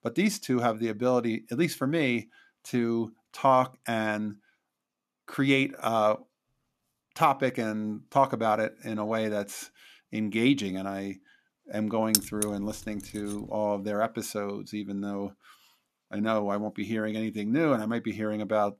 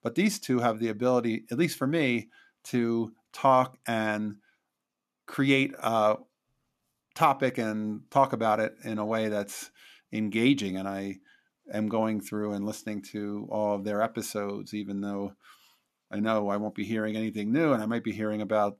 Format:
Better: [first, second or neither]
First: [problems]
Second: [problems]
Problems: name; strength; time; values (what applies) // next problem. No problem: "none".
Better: second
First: jangling keys; loud; at 12 s; peak 3 dB above the speech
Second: none